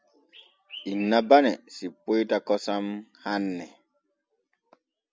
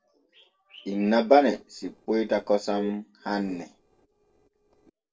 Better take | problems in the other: first | noise reduction (neural separator model SepFormer DNS4)

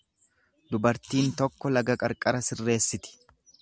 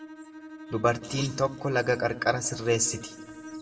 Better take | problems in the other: first | background sound (Bowed string instrument); 15 dB below the speech // room echo; dies away in 1.3 s

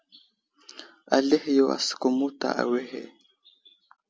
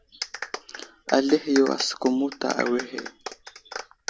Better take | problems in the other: first | background sound (Clapping); 11 dB below the speech

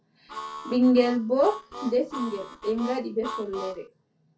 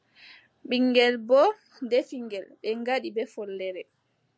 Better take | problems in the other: second | background sound (Harmonica); 12 dB below the speech // room echo; dies away in 0.3 s

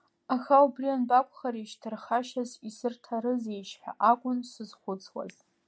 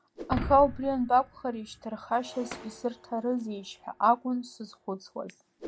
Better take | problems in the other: first | background sound (Shatter); 13 dB below the speech

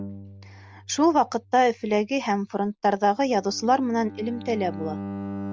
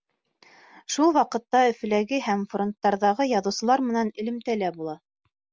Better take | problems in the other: second | background sound (Bowed string instrument); 14 dB below the speech

